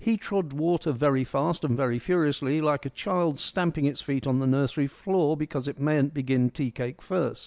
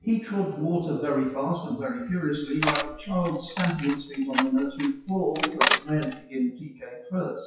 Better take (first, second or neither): first